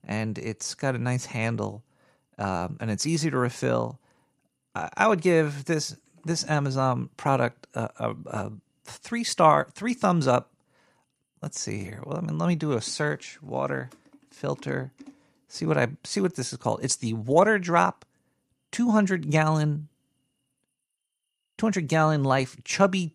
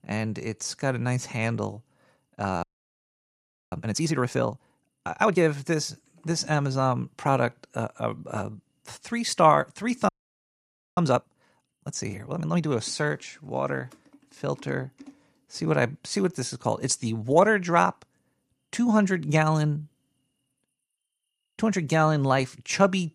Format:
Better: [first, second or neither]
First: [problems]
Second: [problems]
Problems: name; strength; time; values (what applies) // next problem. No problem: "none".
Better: first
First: none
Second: audio freezing; at 2.5 s for 1 s and at 10 s for 1 s